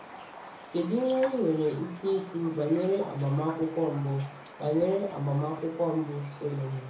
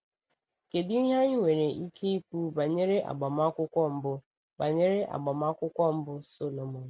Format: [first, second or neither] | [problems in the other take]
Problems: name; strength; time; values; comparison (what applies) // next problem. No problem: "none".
second | background sound (Raindrop); 16 dB below the speech // room echo; dies away in 0.6 s